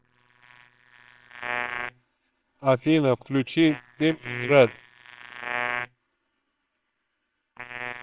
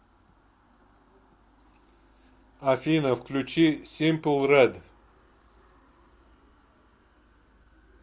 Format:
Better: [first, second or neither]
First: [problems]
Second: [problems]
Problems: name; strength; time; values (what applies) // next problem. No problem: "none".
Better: second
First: noise reduction (neural separator model SepFormer WHAMR!)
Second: none